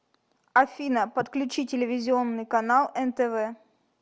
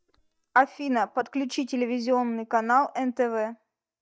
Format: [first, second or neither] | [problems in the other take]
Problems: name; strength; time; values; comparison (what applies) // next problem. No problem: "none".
first | noise reduction (neural mask model DeepFilterNet 3)